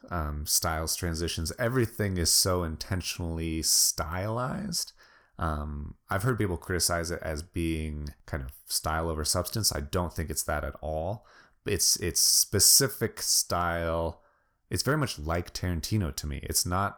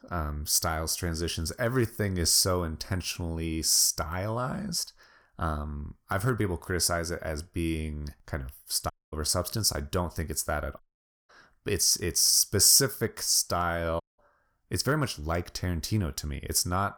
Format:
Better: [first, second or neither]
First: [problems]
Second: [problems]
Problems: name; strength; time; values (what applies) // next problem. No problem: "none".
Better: first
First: none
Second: audio cutting out; at 9 s, at 11 s and at 14 s